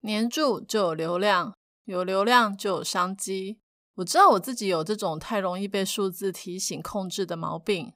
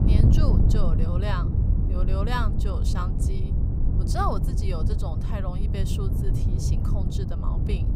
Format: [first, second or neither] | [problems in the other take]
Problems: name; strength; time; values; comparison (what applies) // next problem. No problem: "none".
first | wind noise on the microphone; heavy; 4 dB below the speech